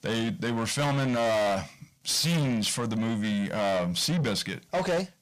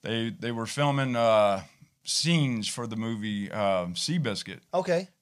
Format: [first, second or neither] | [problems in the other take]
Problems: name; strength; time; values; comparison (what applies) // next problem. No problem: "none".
second | distortion; heavy; 6 dB below the speech